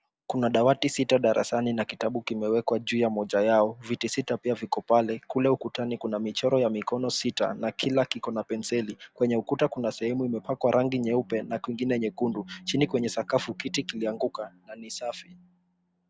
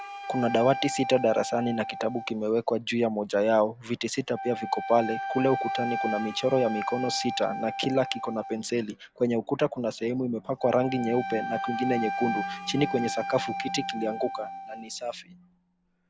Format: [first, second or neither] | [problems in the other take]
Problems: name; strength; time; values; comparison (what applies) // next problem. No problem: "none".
first | background sound (Wind instrument, woodwind instrument); 8 dB below the speech